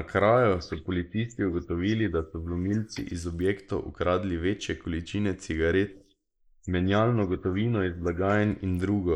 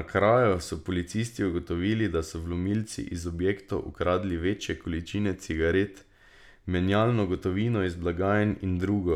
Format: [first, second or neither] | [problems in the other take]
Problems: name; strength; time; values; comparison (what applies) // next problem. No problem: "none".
second | noise reduction (neural mask model Resemble Enhance denoiser)